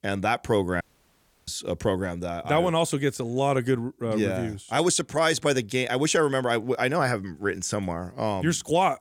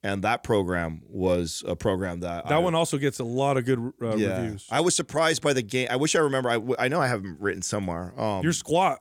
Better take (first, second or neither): second